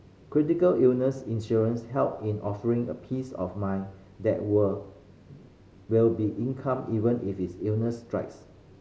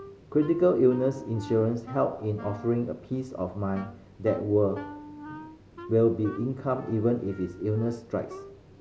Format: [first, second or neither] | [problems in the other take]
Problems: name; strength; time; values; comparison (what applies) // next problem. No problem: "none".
first | background sound (Wind instrument, woodwind instrument); 17 dB below the speech